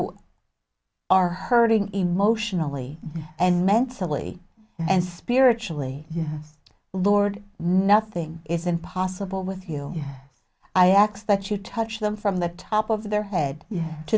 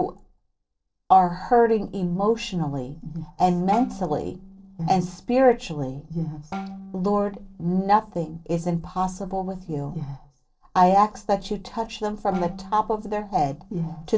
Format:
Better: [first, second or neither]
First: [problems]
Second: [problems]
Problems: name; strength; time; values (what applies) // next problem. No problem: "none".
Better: first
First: none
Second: noise reduction (neural separator model SepFormer DNS4)